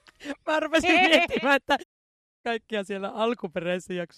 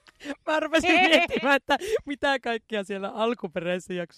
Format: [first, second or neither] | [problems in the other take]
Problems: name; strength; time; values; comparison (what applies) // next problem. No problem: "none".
second | audio cutting out; at 2 s for 0.5 s